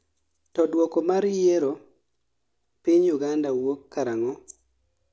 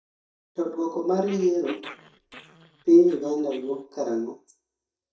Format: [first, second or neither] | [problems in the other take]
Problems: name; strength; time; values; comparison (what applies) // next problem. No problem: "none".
first | noise reduction (neural mask model DeepFilterNet 3)